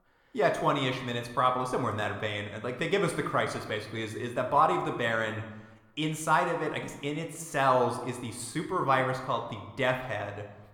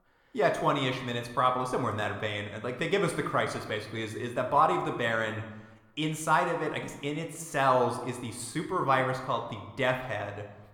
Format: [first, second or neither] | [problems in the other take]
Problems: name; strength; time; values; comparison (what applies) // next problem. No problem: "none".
neither | room echo; slight; dies away in 0.8 s; the same in both